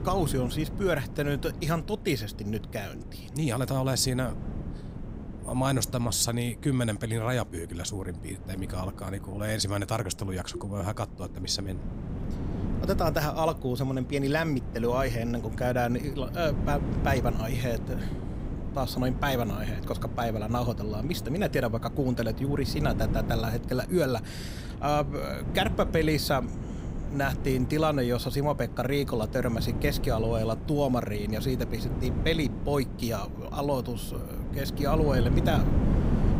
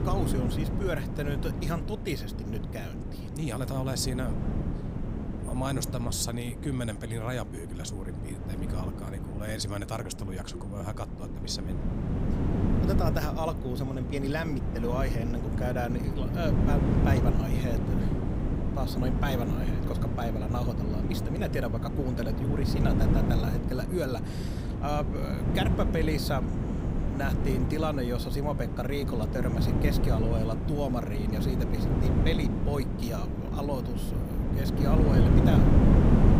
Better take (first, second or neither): first